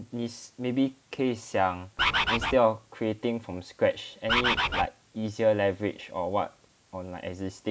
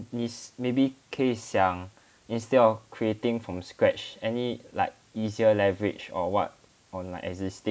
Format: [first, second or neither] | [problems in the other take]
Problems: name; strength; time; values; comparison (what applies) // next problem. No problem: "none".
second | background sound (Bird); 3 dB above the speech